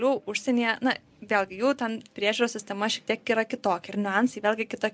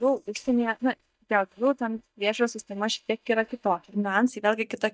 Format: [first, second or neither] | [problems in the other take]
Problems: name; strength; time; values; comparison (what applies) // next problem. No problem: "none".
first | noise reduction (neural mask model DeepFilterNet 3)